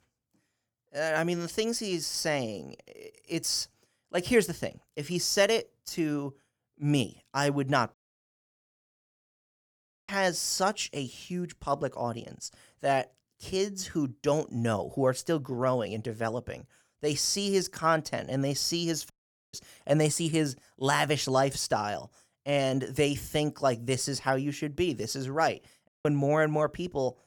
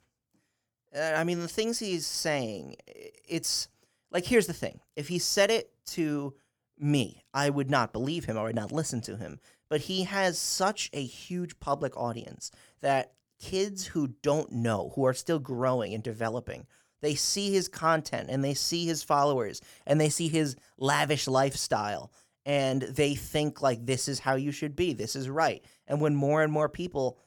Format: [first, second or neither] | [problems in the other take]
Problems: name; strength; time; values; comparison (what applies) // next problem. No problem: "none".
second | audio cutting out; at 8 s for 2 s, at 19 s and at 26 s